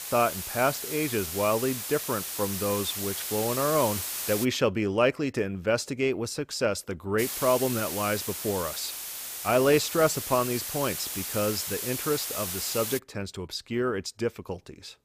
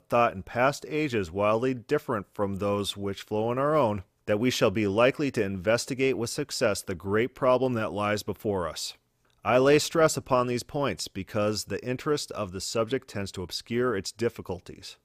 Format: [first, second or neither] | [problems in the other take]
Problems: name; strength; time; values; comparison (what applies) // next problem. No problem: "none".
second | hiss; loud; until 4.5 s and from 7 to 13 s; 4 dB below the speech